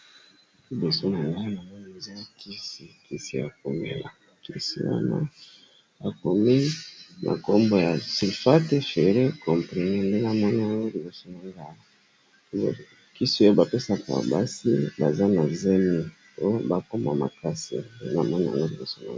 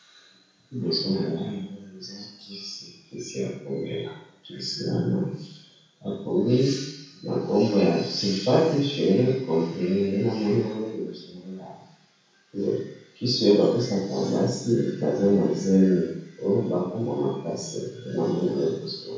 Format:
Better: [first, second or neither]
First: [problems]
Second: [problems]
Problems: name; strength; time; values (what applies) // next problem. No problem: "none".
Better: first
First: none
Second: room echo; dies away in 0.6 s